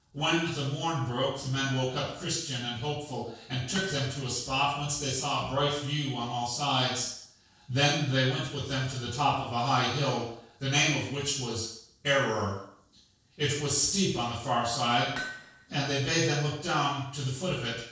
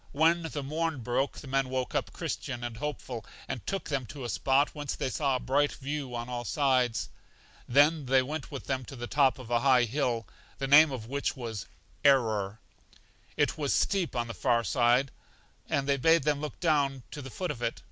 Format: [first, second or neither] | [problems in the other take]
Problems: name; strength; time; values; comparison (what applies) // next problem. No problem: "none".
second | noise reduction (neural separator model SepFormer DNS4)